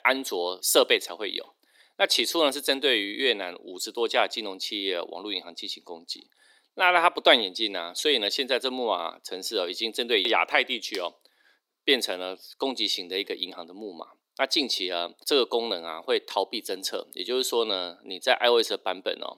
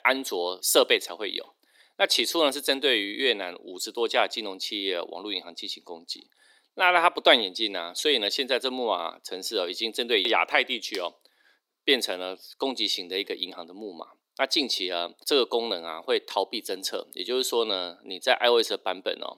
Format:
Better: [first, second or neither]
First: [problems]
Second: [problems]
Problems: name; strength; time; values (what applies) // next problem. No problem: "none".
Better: neither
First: thin; somewhat; fading below 300 Hz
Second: thin; somewhat; fading below 300 Hz